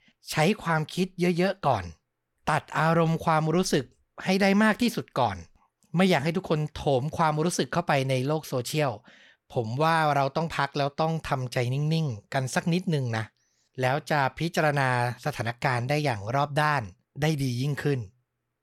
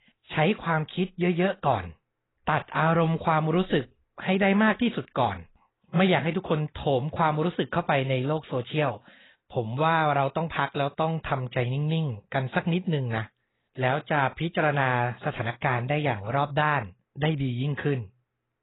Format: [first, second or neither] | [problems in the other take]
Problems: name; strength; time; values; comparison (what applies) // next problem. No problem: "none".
first | garbled, watery; badly; nothing above 4 kHz